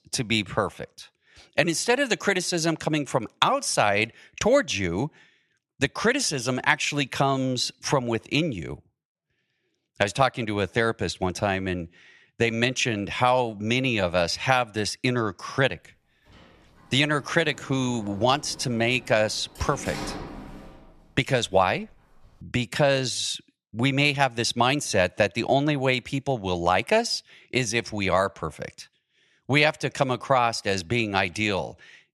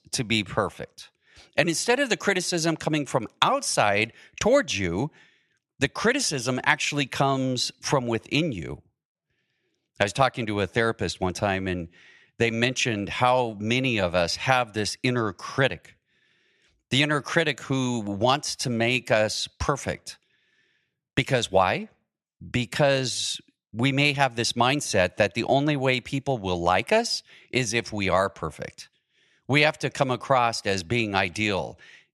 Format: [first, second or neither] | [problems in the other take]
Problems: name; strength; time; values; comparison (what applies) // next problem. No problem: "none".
second | door banging; noticeable; from 16 to 22 s; peak 9 dB below the speech